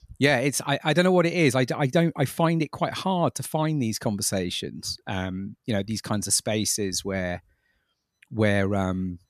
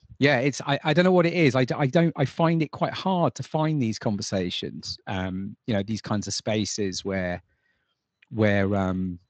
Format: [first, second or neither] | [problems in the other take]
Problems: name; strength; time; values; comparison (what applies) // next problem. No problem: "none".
first | garbled, watery; slightly